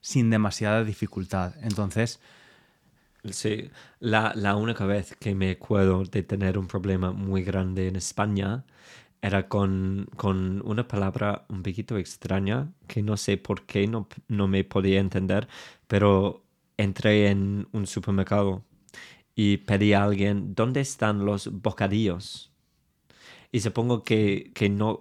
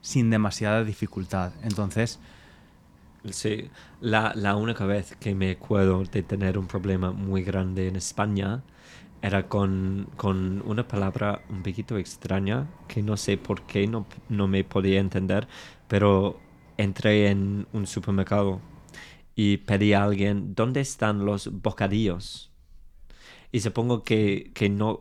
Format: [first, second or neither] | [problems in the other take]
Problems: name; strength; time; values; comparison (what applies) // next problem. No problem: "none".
first | animal sounds; faint; throughout; 25 dB below the speech